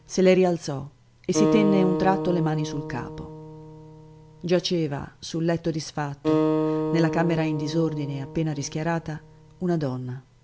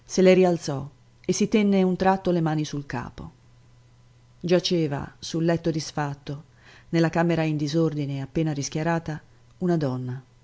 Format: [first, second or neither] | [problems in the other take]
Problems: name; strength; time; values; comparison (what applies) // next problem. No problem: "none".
second | background sound (Acoustic guitar); 4 dB below the speech